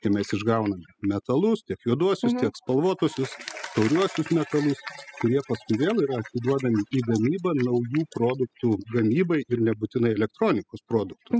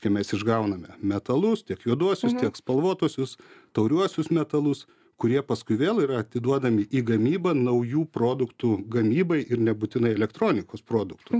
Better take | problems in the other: second | noise reduction (classical method spectral subtraction)

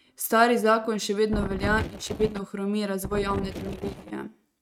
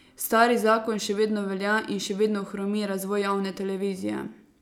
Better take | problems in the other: second | noise reduction (neural mask model RNNoise)

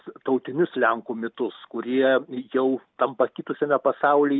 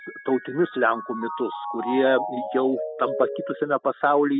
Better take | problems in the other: first | noise reduction (classical method spectral subtraction)

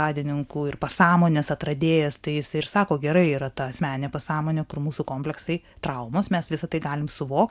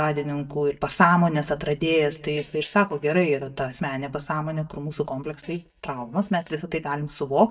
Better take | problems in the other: first | noise reduction (neural mask model DeepFilterNet 3)

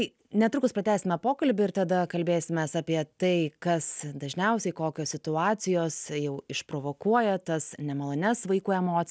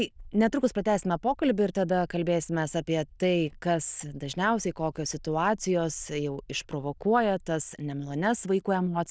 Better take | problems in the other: first | noise reduction (neural diffusion model UNIVERSE++)

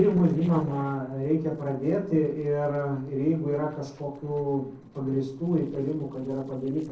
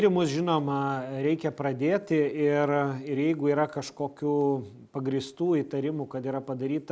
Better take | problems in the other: second | noise reduction (neural separator model SepFormer DNS4)

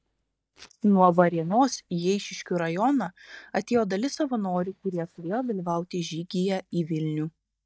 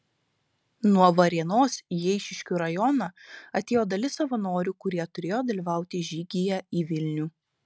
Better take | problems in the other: second | noise reduction (neural mask model DeepFilterNet 3)

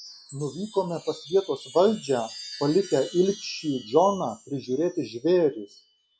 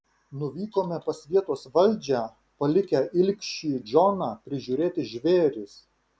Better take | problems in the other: second | noise reduction (classical method log-MMSE)

